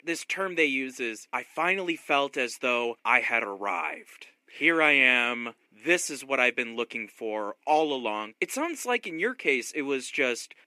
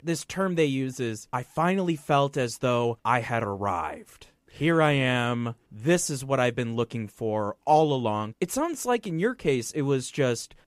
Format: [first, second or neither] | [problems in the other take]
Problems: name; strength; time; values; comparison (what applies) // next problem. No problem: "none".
second | thin; very slightly; fading below 300 Hz